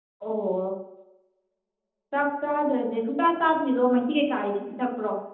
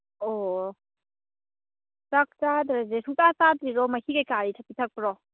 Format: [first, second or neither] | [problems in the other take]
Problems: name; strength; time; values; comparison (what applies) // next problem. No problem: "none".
second | room echo; dies away in 0.9 s